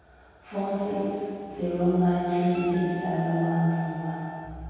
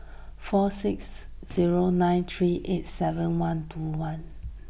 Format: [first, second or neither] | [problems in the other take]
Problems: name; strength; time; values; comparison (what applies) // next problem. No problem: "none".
second | background sound (Wind instrument, woodwind instrument); 16 dB below the speech // room echo; dies away in 2.2 s